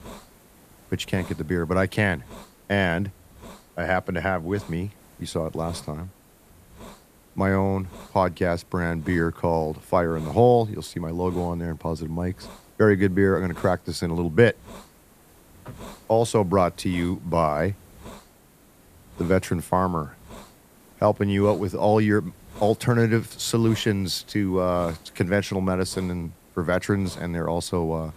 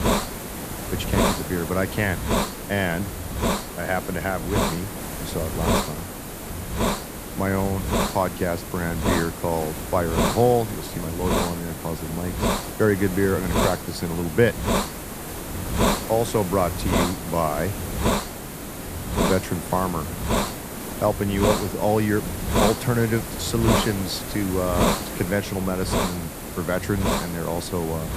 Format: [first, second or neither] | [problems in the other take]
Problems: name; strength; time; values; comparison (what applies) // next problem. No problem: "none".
first | hiss; loud; throughout; 2 dB below the speech; faint in the first